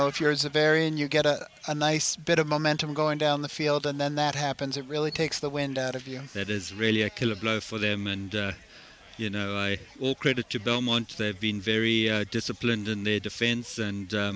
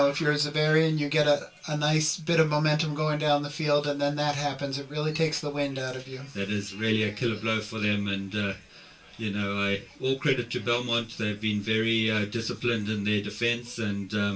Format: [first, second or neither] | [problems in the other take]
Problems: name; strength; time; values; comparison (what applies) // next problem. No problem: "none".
first | room echo; dies away in 0.2 s